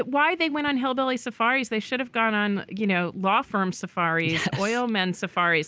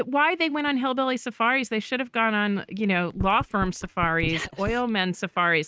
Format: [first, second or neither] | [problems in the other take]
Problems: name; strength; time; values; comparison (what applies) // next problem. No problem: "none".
first | noise reduction (neural mask model RNNoise)